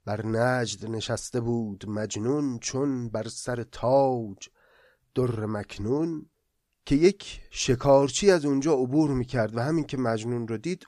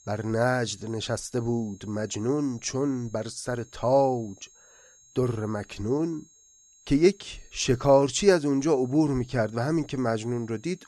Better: first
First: none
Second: high-pitched whine; faint; throughout; 6.5 kHz, 30 dB below the speech

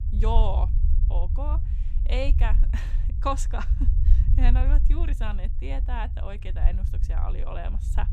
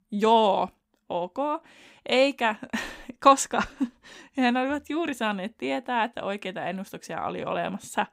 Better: second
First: low rumble; noticeable; throughout; 10 dB below the speech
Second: none

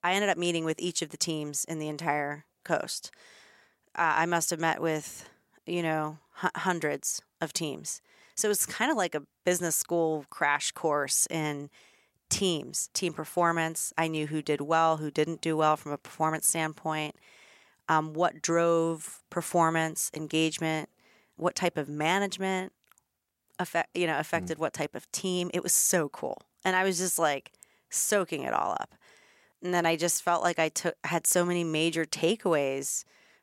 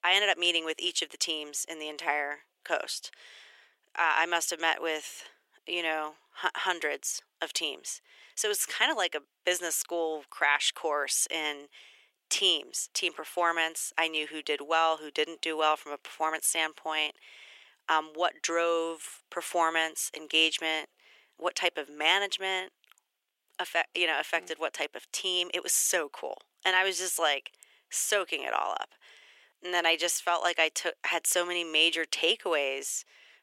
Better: first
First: none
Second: thin; very; fading below 350 Hz

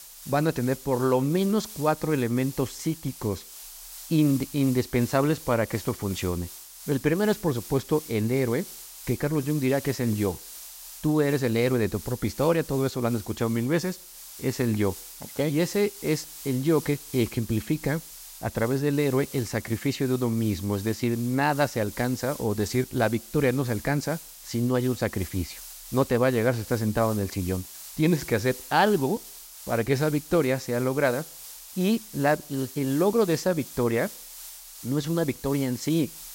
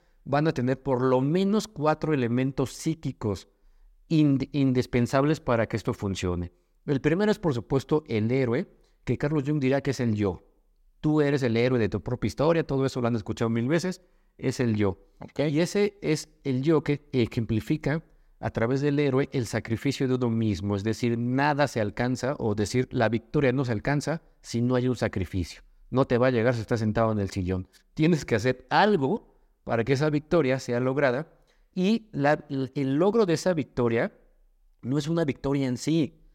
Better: second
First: hiss; noticeable; throughout; 15 dB below the speech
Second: none

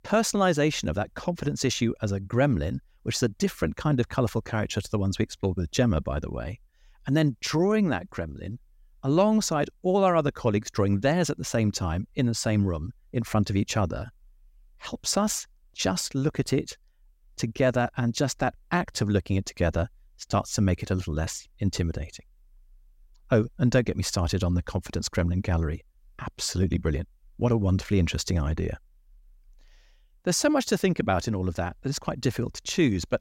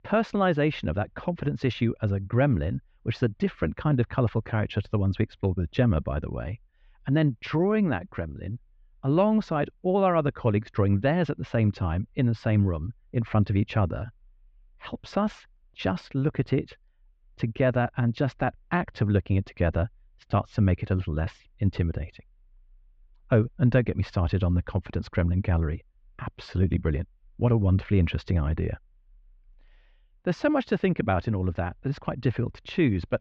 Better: first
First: none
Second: muffled; very; fading above 3 kHz

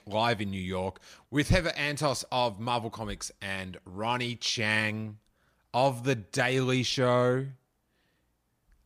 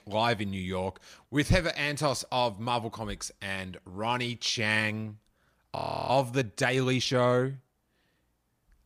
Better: first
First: none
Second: audio freezing; at 6 s

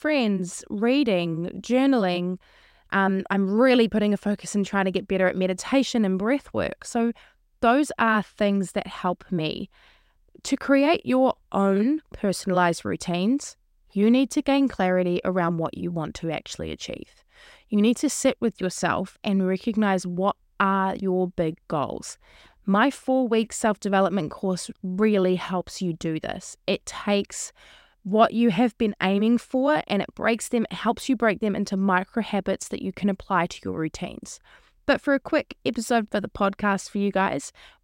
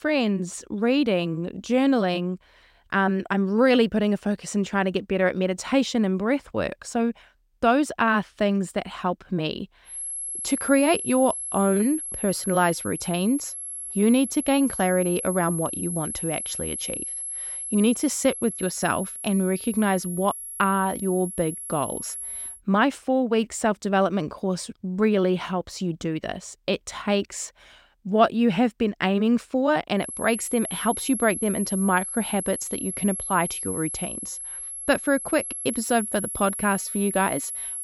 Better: first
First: none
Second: high-pitched whine; loud; from 10 to 23 s and from 30 s on; 11 kHz, 6 dB below the speech

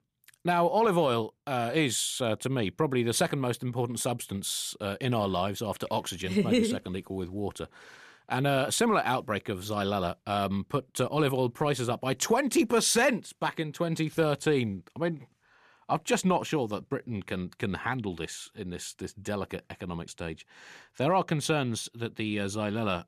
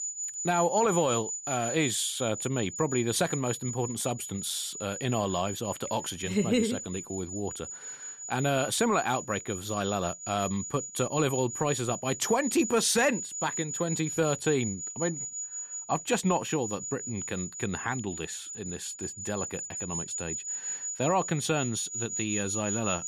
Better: first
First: none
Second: high-pitched whine; loud; throughout; 7 kHz, 5 dB below the speech

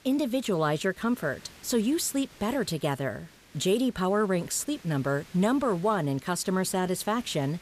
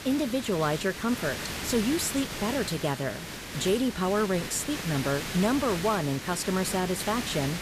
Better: first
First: hiss; faint; throughout; 25 dB below the speech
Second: hiss; loud; throughout; 6 dB below the speech

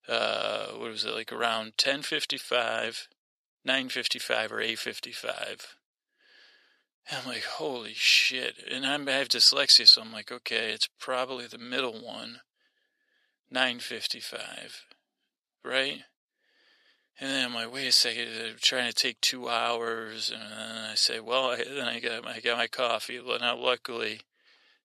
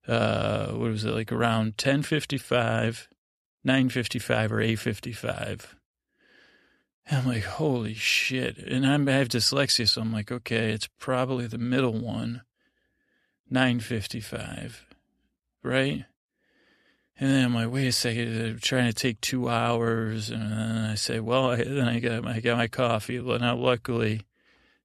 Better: second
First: thin; somewhat; fading below 500 Hz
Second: none

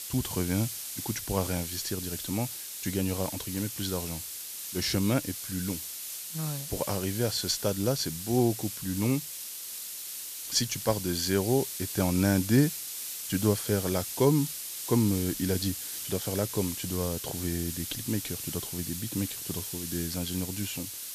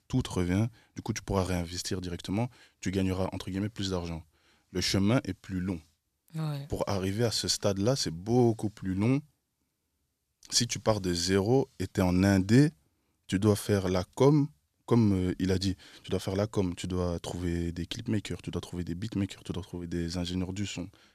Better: second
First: hiss; loud; throughout; 5 dB below the speech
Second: none

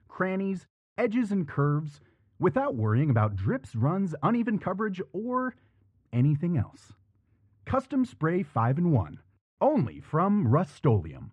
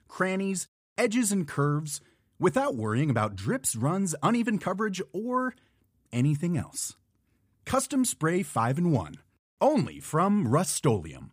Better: second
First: muffled; very; fading above 2 kHz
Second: none

